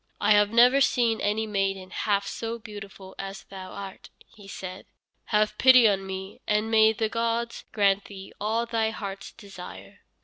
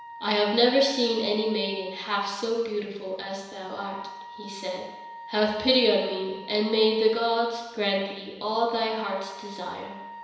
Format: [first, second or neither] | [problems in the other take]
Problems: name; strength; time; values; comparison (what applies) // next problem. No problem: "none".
first | background sound (Wind instrument, woodwind instrument); 17 dB below the speech // room echo; dies away in 1 s